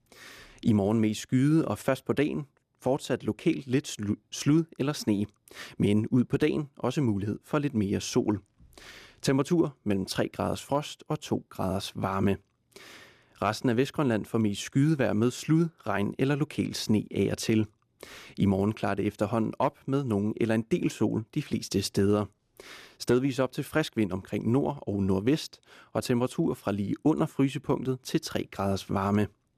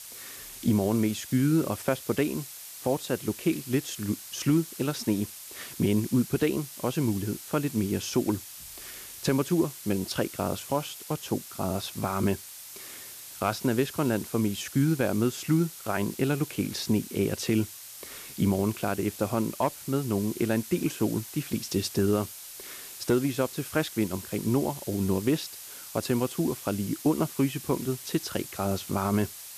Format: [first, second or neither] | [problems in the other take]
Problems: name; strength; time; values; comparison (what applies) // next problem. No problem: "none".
first | hiss; noticeable; throughout; 10 dB below the speech